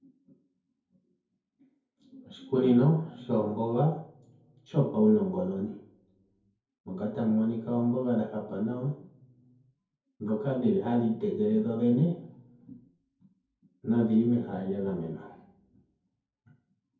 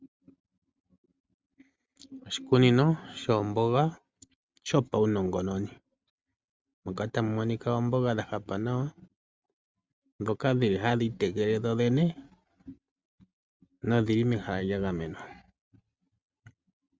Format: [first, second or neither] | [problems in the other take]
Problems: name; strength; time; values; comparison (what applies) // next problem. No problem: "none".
second | room echo; dies away in 0.6 s